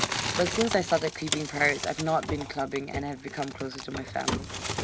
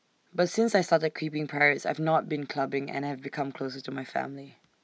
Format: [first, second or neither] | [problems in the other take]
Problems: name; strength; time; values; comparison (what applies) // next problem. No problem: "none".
second | background sound (Crumpling, crinkling); 4 dB below the speech